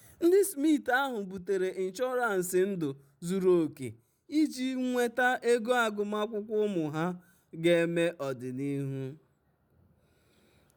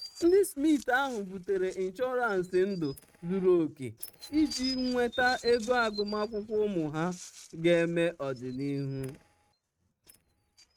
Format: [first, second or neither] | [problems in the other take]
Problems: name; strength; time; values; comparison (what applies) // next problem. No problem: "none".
first | noise reduction (neural mask model RNNoise)